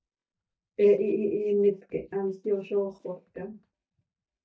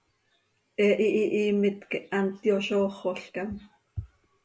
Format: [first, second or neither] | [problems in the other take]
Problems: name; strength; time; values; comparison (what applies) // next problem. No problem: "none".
second | noise reduction (neural mask model DeepFilterNet 3)